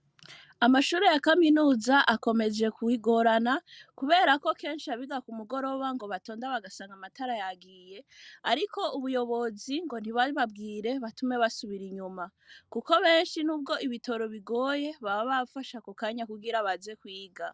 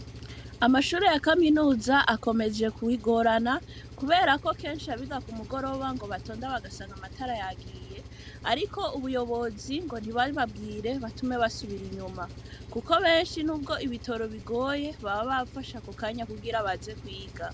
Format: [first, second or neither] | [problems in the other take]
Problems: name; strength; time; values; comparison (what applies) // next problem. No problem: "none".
first | background sound (Engine); 15 dB below the speech